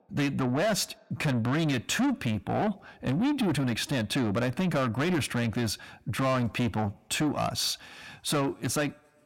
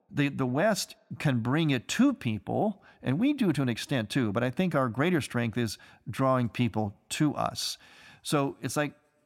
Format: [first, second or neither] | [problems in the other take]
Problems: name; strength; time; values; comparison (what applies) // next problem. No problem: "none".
second | distortion; heavy; 7 dB below the speech